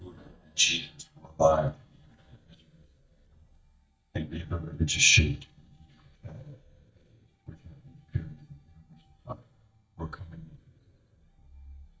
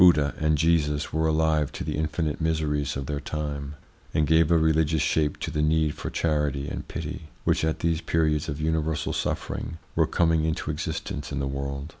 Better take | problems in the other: second | noise reduction (neural mask model DeepFilterNet 3)

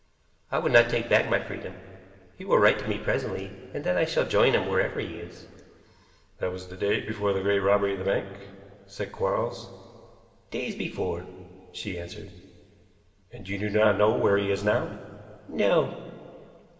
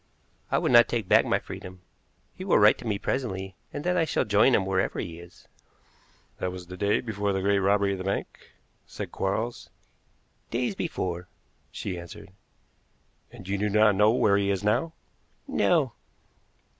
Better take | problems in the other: second | room echo; dies away in 2.1 s

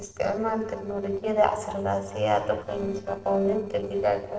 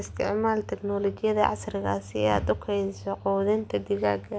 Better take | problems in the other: second | noise reduction (neural separator model SepFormer DNS4)

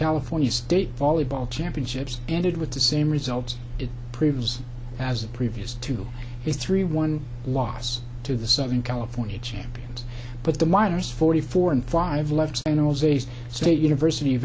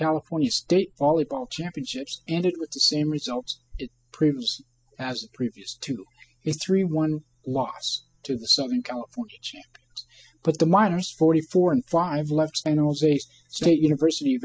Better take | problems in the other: first | noise reduction (classical method spectral subtraction)

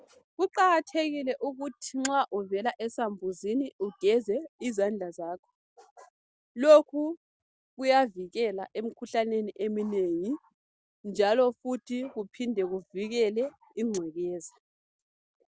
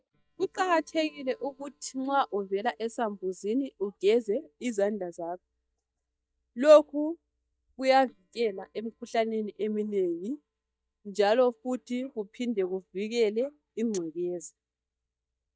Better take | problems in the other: first | noise reduction (neural mask model DeepFilterNet 3)

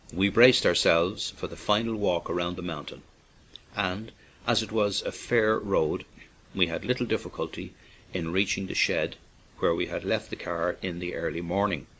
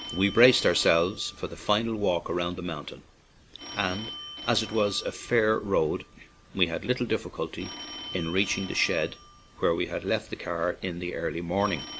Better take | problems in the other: first | background sound (Telephone); 16 dB below the speech

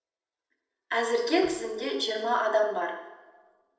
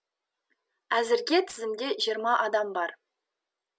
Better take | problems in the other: second | noise reduction (neural separator model SepFormer DNS4)

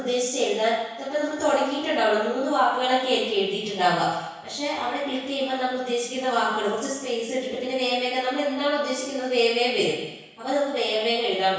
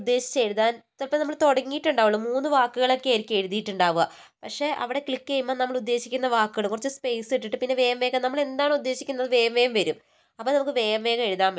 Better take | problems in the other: second | room echo; dies away in 1.1 s

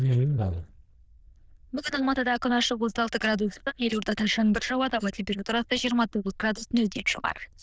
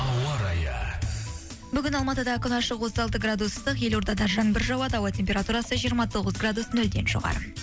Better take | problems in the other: second | noise reduction (neural diffusion model UNIVERSE++)

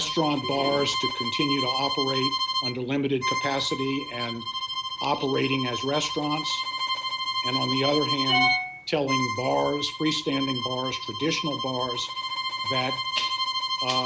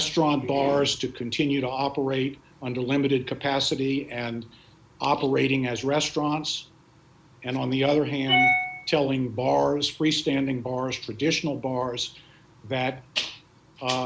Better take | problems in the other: second | background sound (Bowed string instrument); 2 dB below the speech

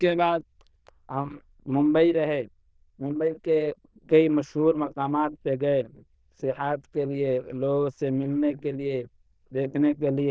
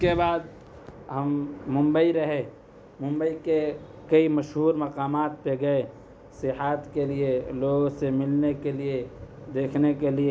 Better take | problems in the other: second | noise reduction (neural diffusion model UNIVERSE++)

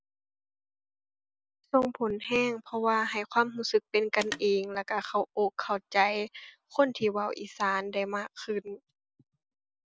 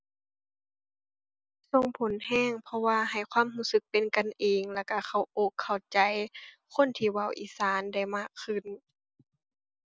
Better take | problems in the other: second | background sound (Telephone); 16 dB below the speech

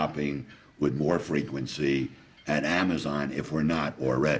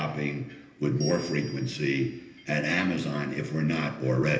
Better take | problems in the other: first | background sound (Bell); 18 dB below the speech // room echo; dies away in 1.4 s

